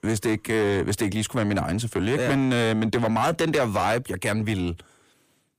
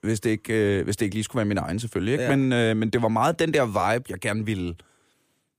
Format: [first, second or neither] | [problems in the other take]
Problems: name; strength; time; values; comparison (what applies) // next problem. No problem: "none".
second | distortion; slight; 10 dB below the speech